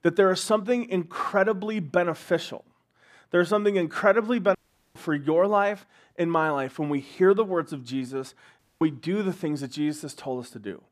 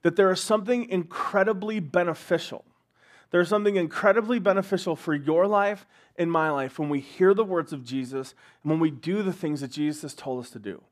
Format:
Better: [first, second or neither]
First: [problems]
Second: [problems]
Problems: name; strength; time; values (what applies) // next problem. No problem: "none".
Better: second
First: audio cutting out; at 4.5 s and at 8.5 s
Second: none